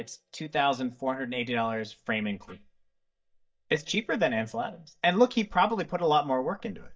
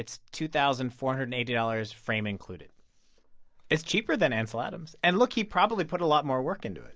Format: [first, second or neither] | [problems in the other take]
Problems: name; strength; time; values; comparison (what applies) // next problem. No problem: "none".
second | noise reduction (neural mask model DeepFilterNet 3)